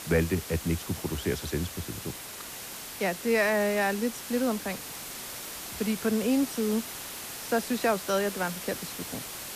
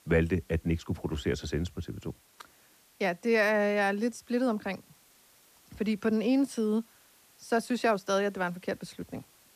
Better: second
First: hiss; loud; throughout; 8 dB below the speech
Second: hiss; faint; throughout; 30 dB below the speech

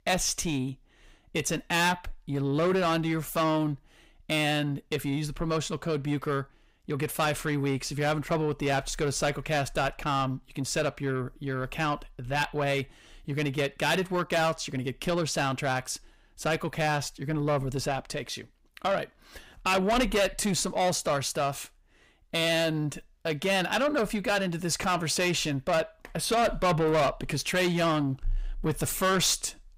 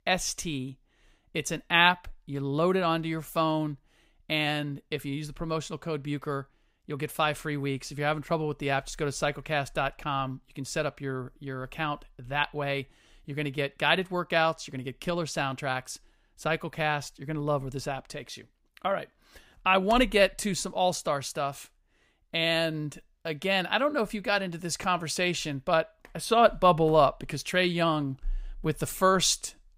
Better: second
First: distortion; heavy; 6 dB below the speech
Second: none

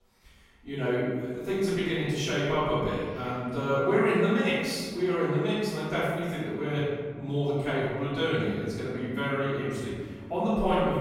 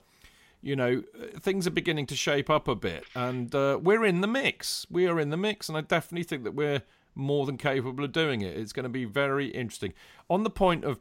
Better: second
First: off-mic speech; far // room echo; strong; dies away in 1.6 s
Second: none

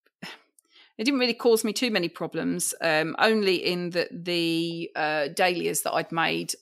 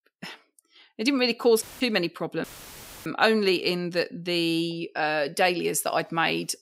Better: first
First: none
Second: audio cutting out; filled with static; at 1.5 s and at 2.5 s for 0.5 s

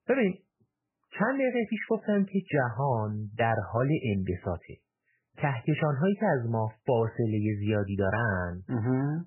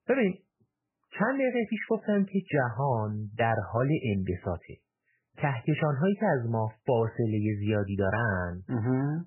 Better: neither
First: garbled, watery; badly; nothing above 3 kHz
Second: garbled, watery; badly; nothing above 3 kHz

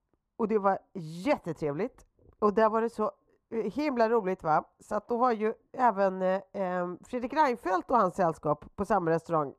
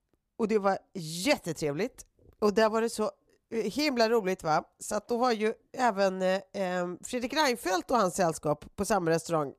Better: second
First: muffled; very; fading above 2.5 kHz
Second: none

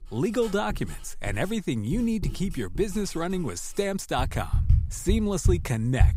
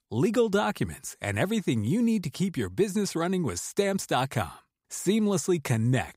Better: second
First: household noises; loud; throughout; 2 dB below the speech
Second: none

